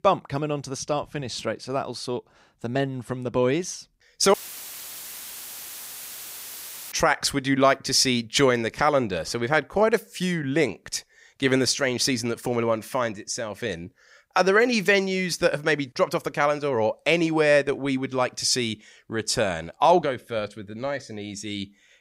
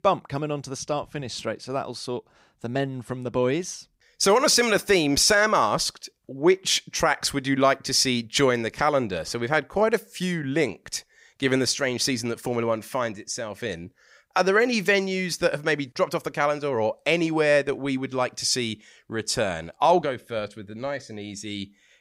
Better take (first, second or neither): second